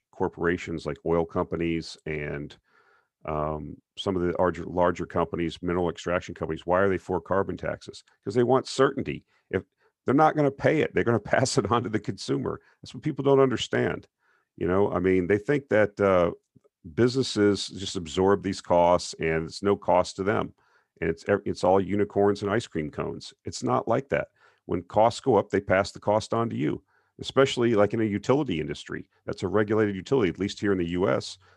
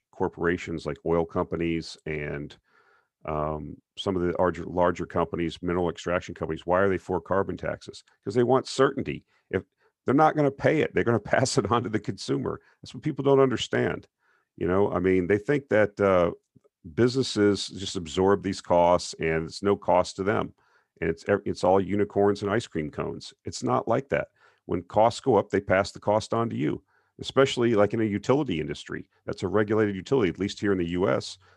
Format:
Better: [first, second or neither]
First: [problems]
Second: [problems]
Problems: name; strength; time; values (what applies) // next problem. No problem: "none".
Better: neither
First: none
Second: none